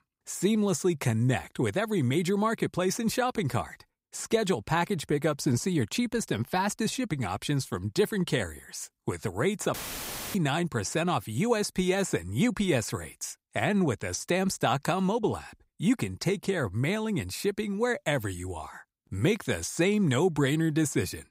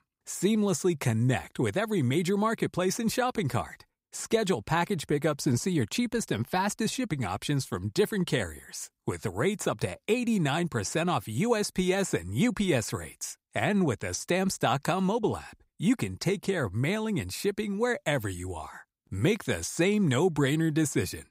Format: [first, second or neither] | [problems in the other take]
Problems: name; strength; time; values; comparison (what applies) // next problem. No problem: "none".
second | audio cutting out; filled with static; at 9.5 s for 0.5 s